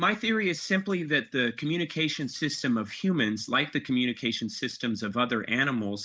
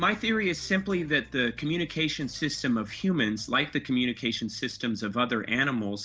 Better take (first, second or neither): second